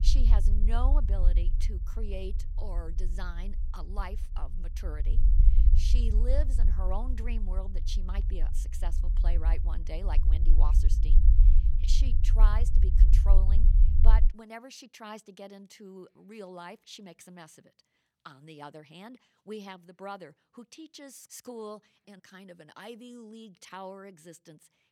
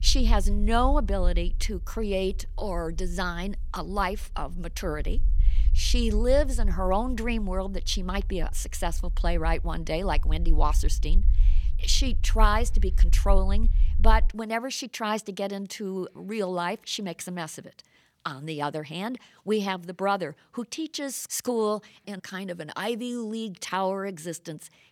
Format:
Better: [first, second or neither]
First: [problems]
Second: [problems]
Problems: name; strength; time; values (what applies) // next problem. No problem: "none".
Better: second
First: low rumble; loud; until 14 s; 7 dB below the speech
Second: low rumble; faint; until 14 s; 25 dB below the speech